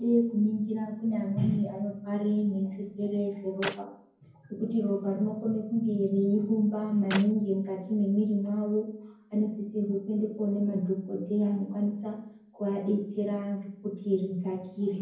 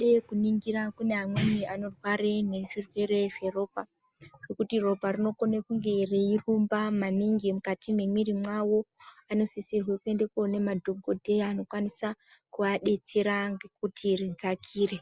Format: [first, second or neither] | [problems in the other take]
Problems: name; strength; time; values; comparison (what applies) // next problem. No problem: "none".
second | background sound (Clapping); 12 dB below the speech // room echo; dies away in 0.9 s